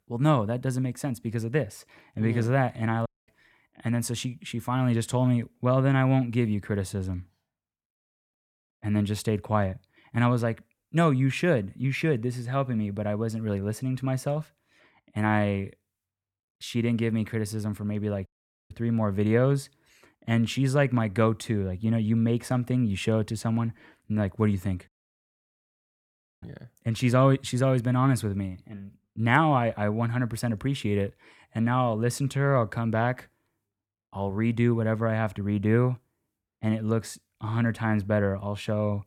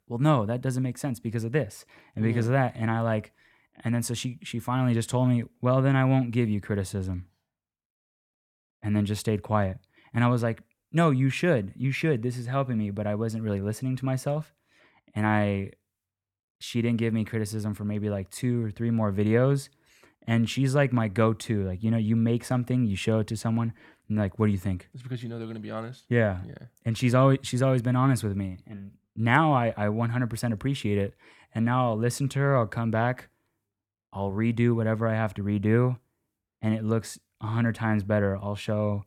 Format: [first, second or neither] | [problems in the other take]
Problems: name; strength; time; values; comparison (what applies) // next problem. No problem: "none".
second | audio cutting out; at 3 s, at 18 s and at 25 s for 1.5 s